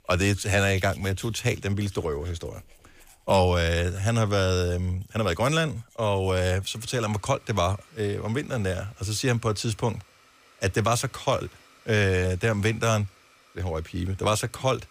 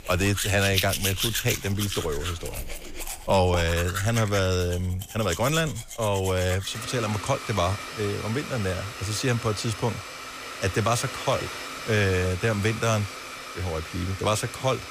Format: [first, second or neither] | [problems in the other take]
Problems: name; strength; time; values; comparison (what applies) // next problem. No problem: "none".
first | household noises; loud; throughout; 7 dB below the speech; faint in the first